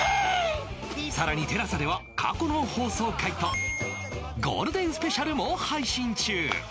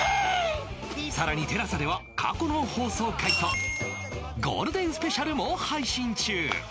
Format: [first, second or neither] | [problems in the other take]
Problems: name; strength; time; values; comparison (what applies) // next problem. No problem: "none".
first | background sound (Coin (dropping) / Glass); 4 dB below the speech